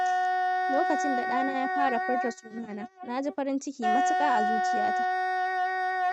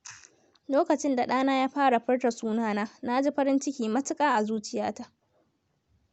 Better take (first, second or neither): second